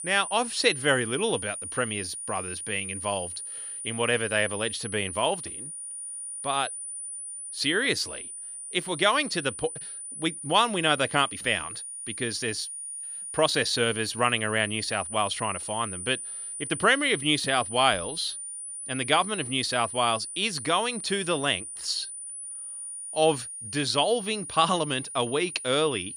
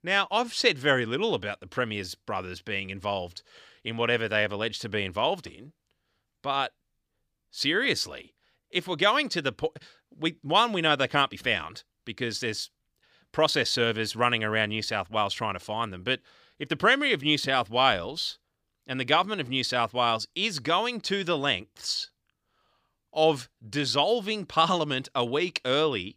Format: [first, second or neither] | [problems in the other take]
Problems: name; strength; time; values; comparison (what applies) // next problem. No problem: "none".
second | high-pitched whine; loud; throughout; 9.5 kHz, 8 dB below the speech